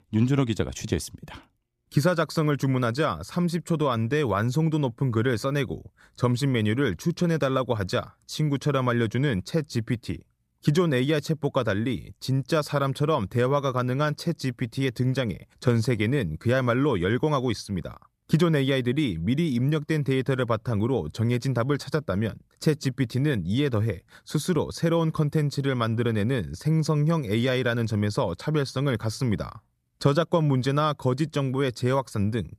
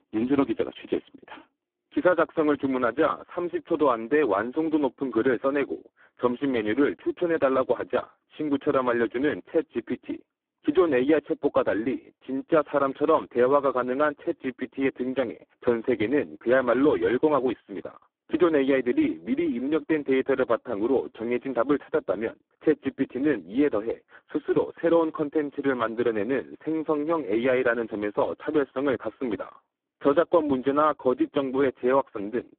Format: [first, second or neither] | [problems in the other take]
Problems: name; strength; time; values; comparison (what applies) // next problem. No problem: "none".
first | phone-call audio; poor line